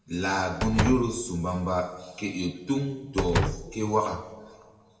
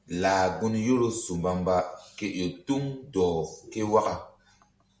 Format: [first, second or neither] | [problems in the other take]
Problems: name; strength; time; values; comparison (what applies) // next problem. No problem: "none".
second | background sound (Slam); 4 dB below the speech // room echo; dies away in 1.3 s